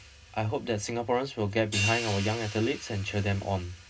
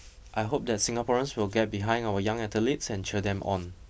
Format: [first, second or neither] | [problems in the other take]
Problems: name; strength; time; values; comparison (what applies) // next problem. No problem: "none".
second | background sound (Hi-hat); 9 dB below the speech // room echo; dies away in 0.2 s